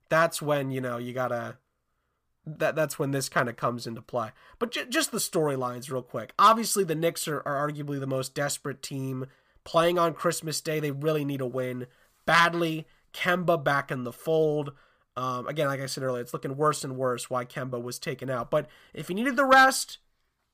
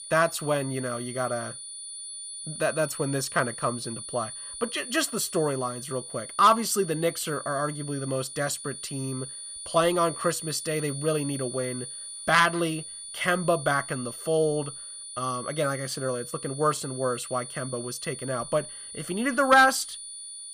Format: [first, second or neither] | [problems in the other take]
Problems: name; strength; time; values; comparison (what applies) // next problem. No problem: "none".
first | high-pitched whine; loud; throughout; 9.5 kHz, 10 dB below the speech